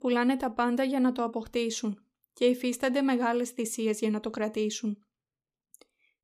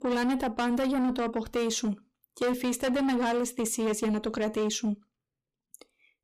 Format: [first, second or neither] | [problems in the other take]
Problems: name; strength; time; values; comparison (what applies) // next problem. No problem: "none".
first | distortion; heavy; 8 dB below the speech